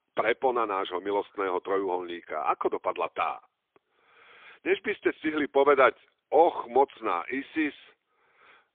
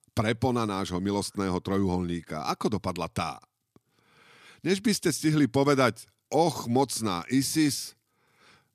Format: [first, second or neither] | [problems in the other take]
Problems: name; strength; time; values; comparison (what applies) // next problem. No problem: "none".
second | phone-call audio; poor line; nothing above 3.5 kHz